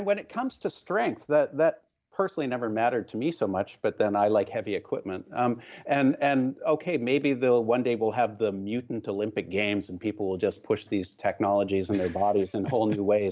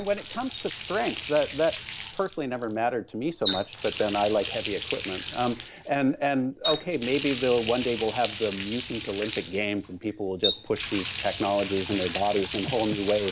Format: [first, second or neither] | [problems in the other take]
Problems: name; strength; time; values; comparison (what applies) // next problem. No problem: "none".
first | background sound (Water tap, faucet); 8 dB below the speech